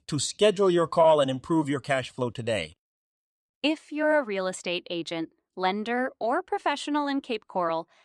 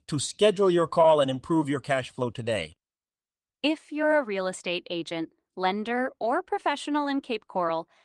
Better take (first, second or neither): first